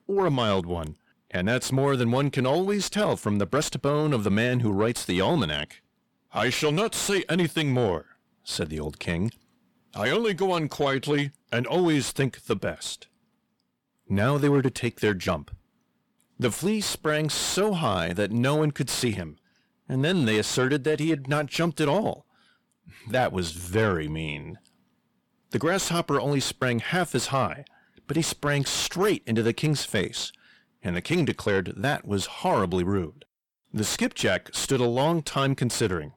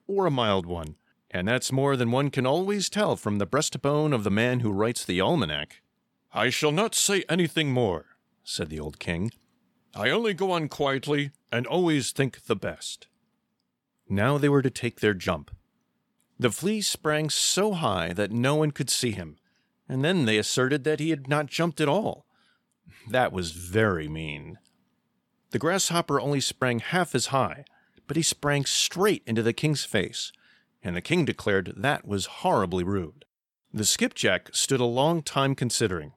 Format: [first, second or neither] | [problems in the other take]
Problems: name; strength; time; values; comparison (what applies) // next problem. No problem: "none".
second | distortion; slight; 10 dB below the speech